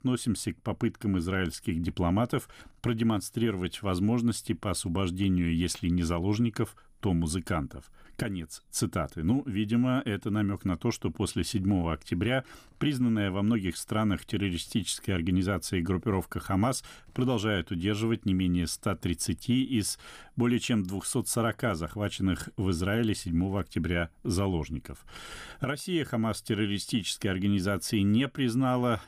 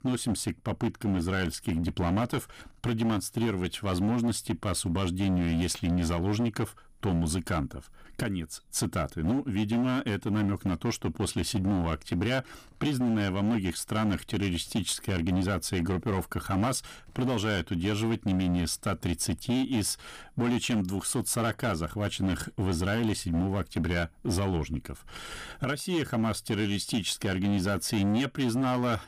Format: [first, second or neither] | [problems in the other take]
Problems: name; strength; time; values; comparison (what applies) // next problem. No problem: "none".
first | distortion; slight; 17% of the sound clipped